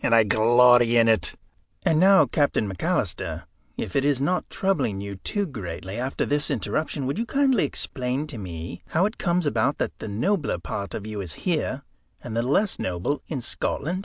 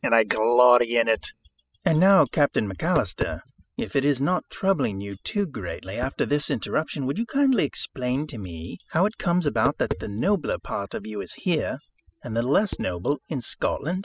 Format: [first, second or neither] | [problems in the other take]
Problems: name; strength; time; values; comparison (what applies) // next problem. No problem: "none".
first | noise reduction (classical method spectral subtraction)